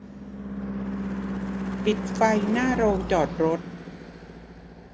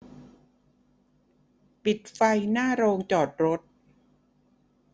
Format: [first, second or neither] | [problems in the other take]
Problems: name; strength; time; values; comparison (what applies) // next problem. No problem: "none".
second | background sound (Car passing by / Engine / Truck); 4 dB below the speech